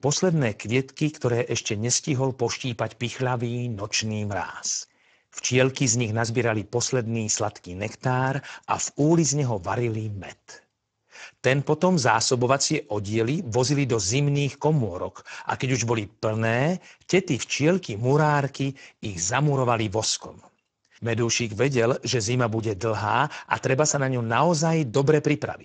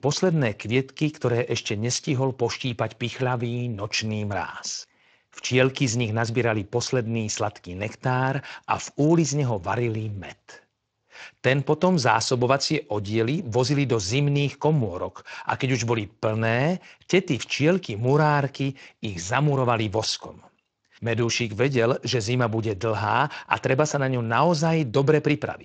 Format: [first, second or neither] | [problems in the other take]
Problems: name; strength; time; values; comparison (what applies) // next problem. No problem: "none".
second | garbled, watery; badly; nothing above 7.5 kHz; slightly in the second